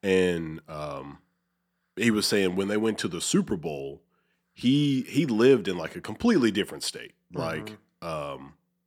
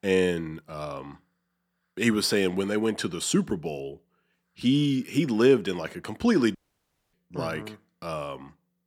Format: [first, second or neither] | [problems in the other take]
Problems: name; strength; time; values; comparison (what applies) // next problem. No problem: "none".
first | audio cutting out; at 6.5 s for 0.5 s